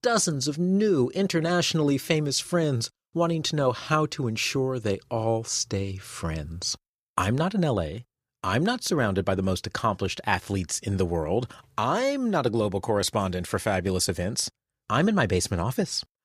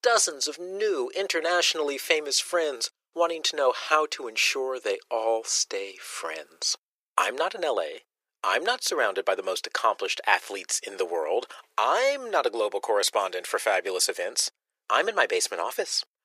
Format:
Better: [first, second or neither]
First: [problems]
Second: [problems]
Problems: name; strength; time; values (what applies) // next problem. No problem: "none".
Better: first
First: none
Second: thin; very; fading below 400 Hz